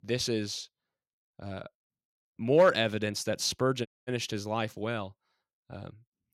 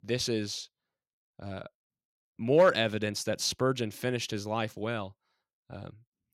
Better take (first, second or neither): second